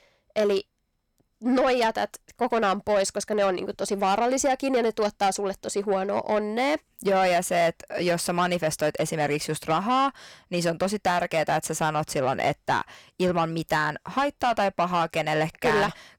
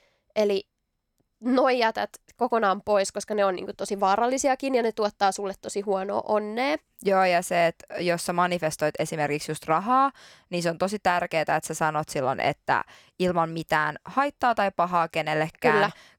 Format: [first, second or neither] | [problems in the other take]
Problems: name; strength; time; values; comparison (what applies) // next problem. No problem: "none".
second | distortion; slight; 10 dB below the speech